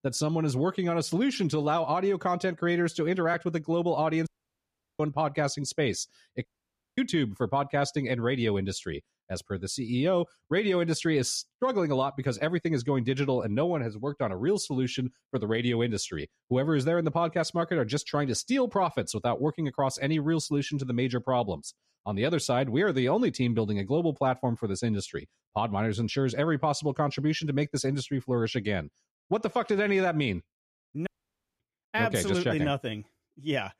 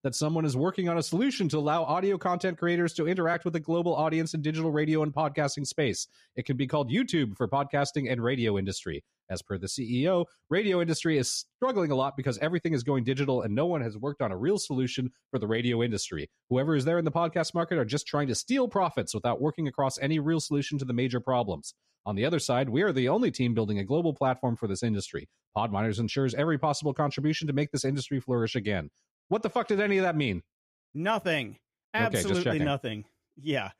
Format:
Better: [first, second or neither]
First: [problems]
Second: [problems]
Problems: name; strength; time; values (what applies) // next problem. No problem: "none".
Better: second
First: audio cutting out; at 4.5 s for 0.5 s, at 6.5 s for 0.5 s and at 31 s for 0.5 s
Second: none